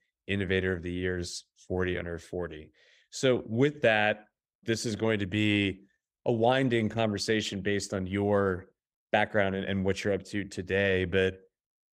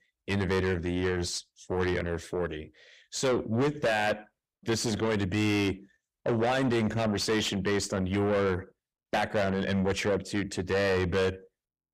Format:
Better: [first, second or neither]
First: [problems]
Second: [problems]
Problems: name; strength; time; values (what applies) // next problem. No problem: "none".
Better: first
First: none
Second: distortion; heavy; 6 dB below the speech